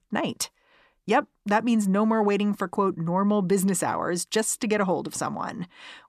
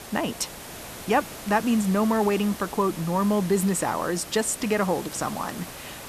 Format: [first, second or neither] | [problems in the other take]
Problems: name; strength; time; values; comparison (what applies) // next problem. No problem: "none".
first | hiss; noticeable; throughout; 15 dB below the speech